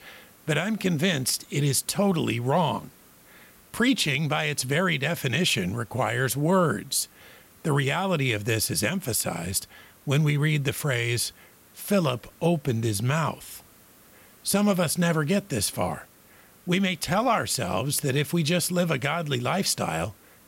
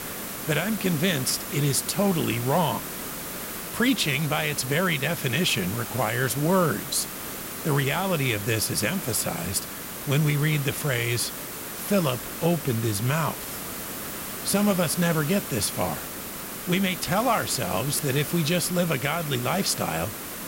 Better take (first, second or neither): first